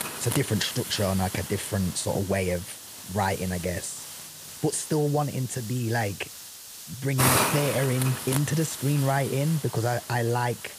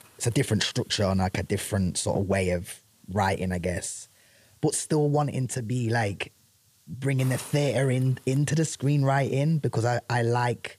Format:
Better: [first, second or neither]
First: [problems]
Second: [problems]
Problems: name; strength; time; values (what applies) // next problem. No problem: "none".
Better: second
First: hiss; loud; throughout; 5 dB below the speech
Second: hiss; faint; throughout; 25 dB below the speech